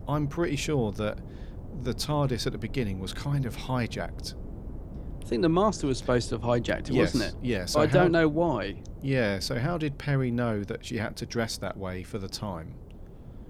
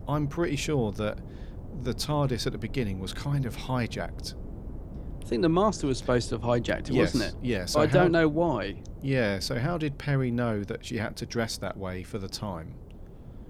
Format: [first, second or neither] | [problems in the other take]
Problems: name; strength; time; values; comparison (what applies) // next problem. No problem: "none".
neither | wind noise on the microphone; occasional gusts; 20 dB below the speech; the same in both